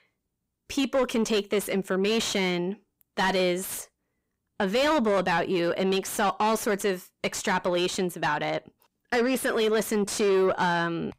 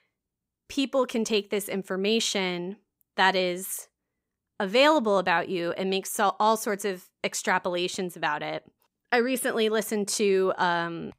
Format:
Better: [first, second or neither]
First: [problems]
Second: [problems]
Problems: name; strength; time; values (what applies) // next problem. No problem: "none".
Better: second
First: distortion; heavy; 7 dB below the speech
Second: none